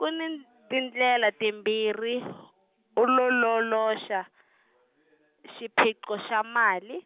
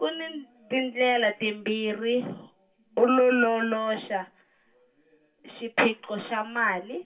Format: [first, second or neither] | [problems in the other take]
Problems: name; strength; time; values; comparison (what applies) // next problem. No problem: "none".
first | room echo; dies away in 0.2 s